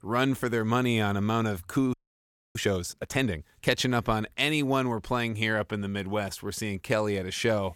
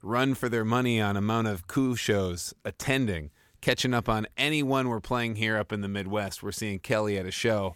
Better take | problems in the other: second | audio freezing; at 2 s for 0.5 s

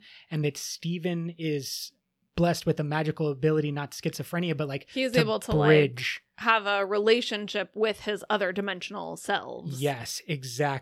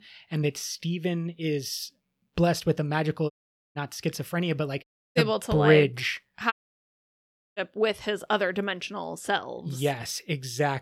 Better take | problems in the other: first | audio cutting out; at 3.5 s, at 5 s and at 6.5 s for 1 s

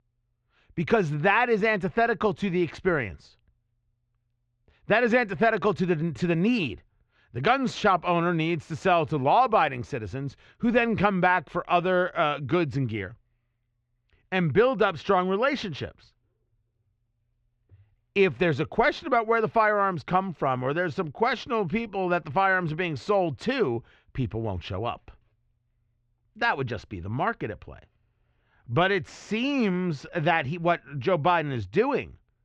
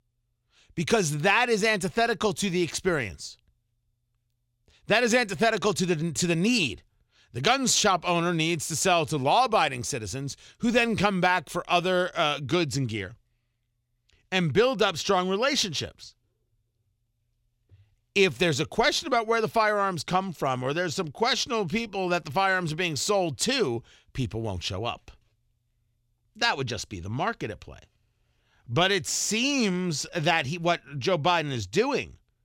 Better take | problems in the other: second | muffled; very; fading above 2 kHz

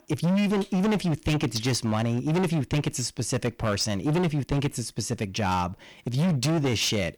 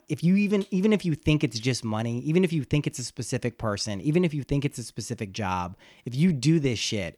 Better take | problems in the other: second | distortion; heavy; 20% of the sound clipped

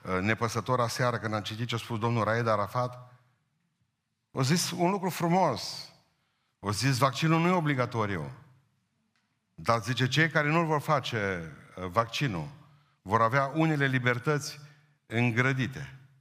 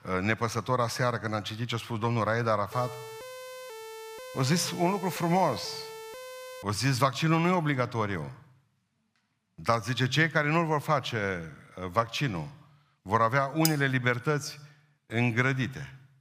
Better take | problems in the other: first | siren; faint; from 2.5 to 6.5 s; peak 15 dB below the speech // clattering dishes; very faint; at 14 s; peak 4 dB below the speech

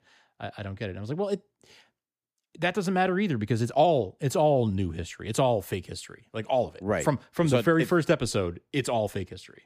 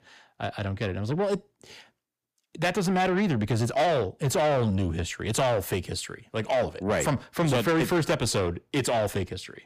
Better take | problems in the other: first | distortion; heavy; 7 dB below the speech

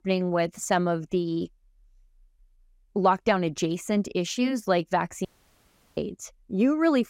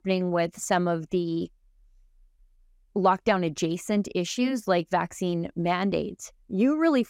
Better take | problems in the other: second | audio cutting out; at 5.5 s for 0.5 s

